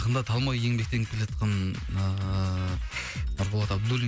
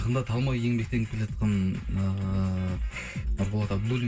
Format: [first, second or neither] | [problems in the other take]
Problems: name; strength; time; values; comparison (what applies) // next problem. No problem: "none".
first | room echo; dies away in 0.2 s